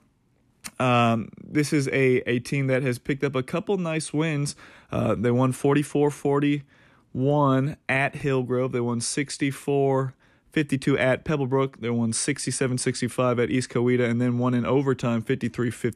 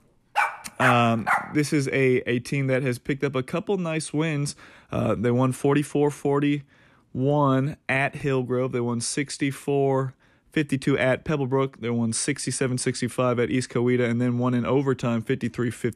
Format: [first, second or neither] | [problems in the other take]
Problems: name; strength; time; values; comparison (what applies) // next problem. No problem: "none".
first | dog barking; loud; until 1.5 s; peak 1 dB above the speech